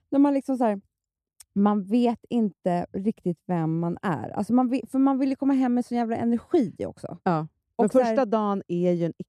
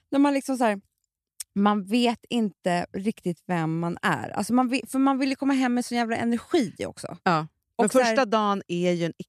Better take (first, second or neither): second